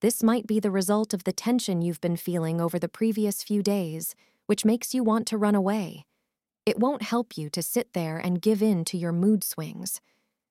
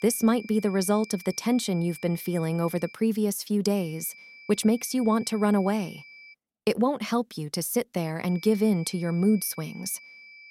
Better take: first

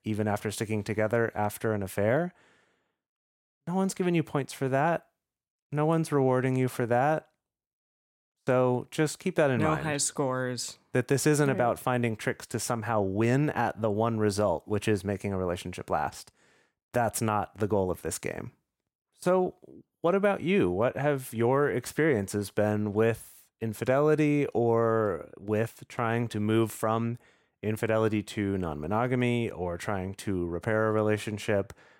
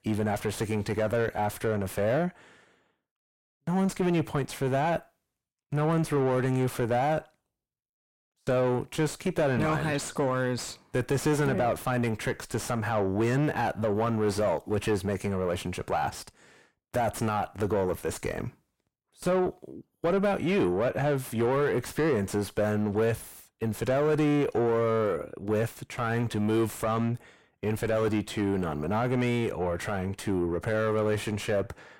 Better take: first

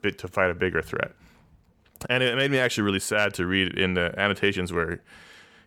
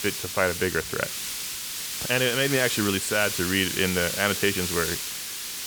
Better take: first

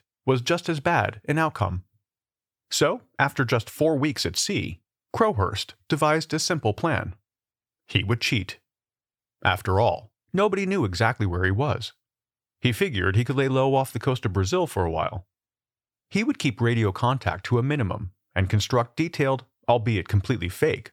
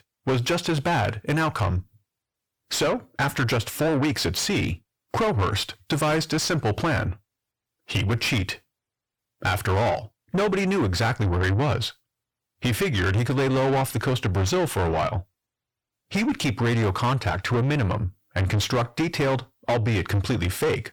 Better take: first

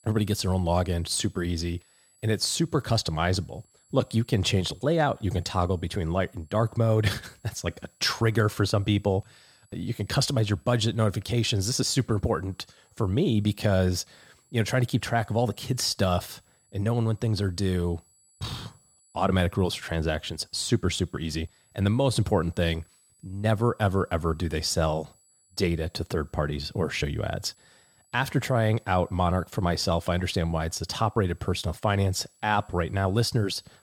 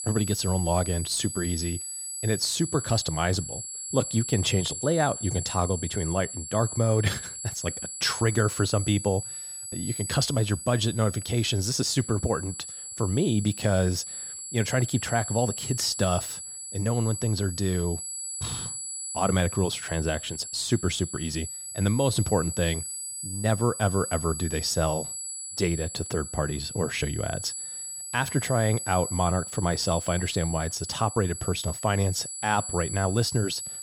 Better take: first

